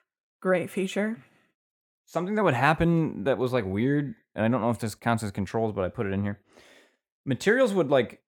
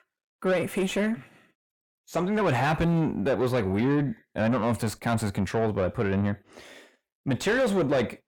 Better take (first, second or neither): first